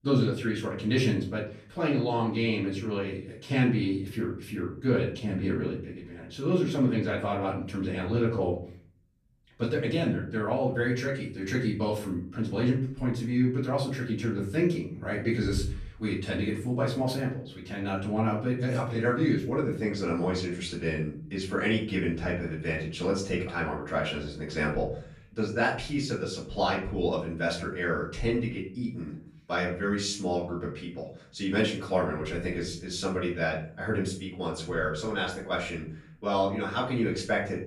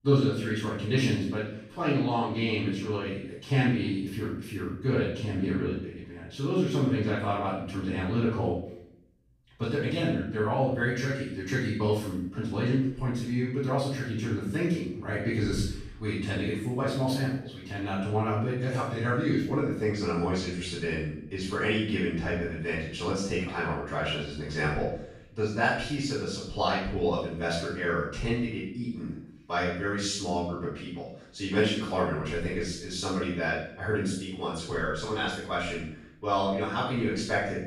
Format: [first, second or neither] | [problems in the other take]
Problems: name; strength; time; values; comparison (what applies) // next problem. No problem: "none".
first | room echo; strong; dies away in 0.6 s; slight in the first // off-mic speech; far; far in the first